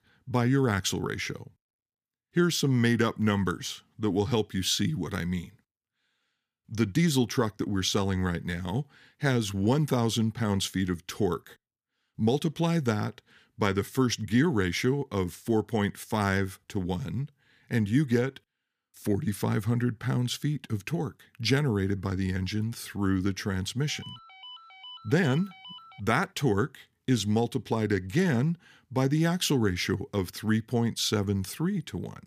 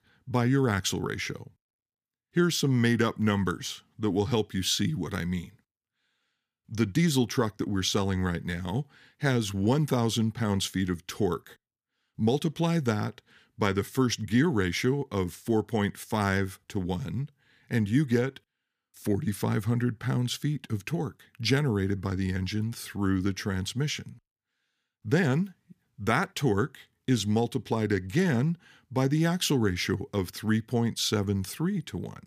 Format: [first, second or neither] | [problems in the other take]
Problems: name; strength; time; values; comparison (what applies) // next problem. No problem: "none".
second | phone ringing; faint; from 24 to 26 s; peak 15 dB below the speech